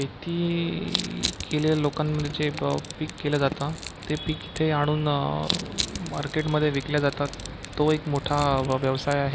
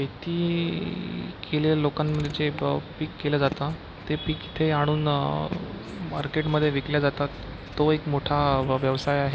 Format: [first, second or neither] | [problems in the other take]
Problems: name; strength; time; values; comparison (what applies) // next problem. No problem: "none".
second | background sound (Crushing); 12 dB below the speech